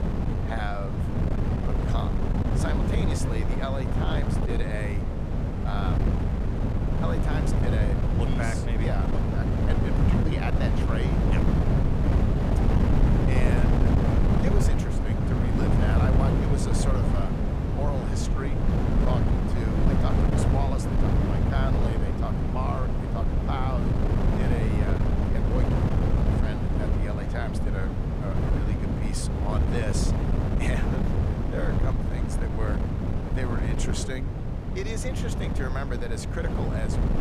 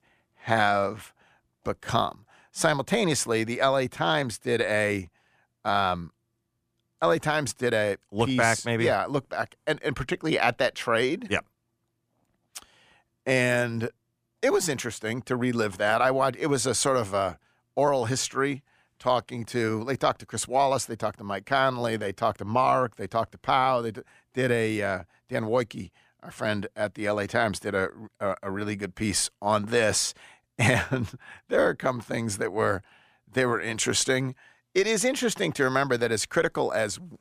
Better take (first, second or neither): second